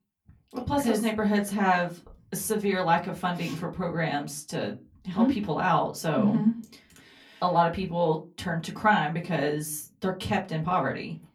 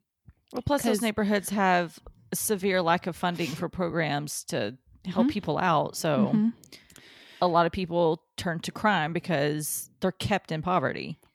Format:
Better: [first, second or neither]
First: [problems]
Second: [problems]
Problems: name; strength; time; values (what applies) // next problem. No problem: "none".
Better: second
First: off-mic speech; far // room echo; very slight; dies away in 0.2 s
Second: none